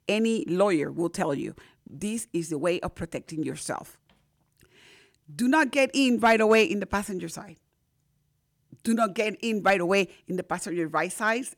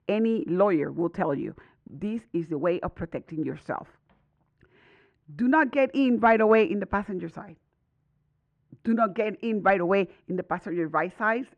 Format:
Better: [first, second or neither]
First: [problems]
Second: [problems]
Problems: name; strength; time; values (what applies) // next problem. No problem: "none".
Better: first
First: none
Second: muffled; very; fading above 1.5 kHz